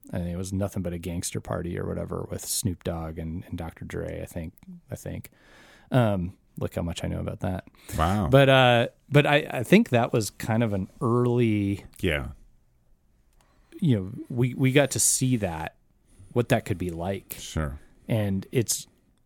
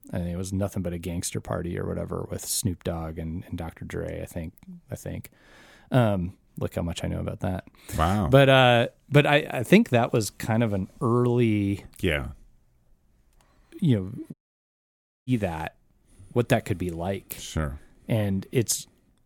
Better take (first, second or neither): first